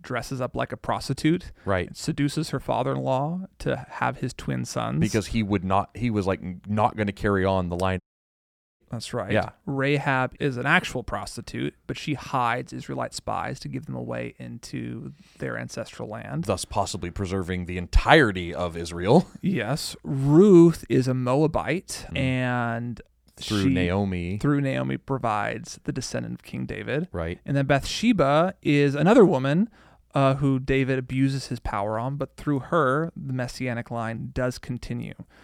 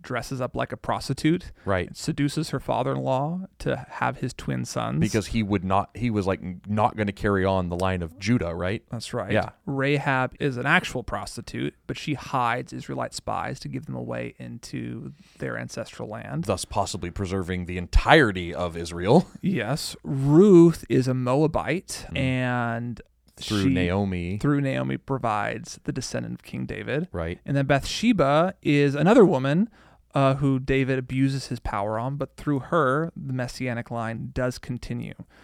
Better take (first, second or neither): second